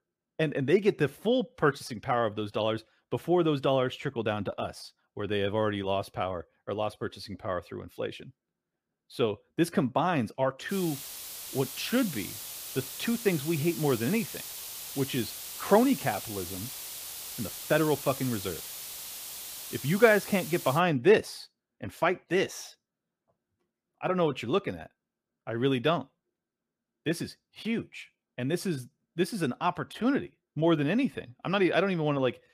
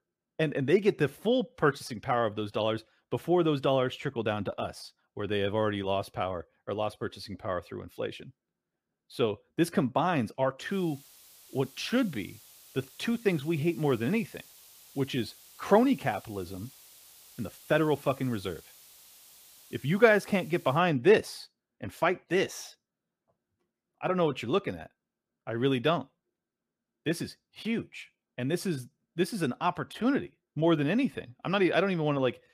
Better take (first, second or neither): second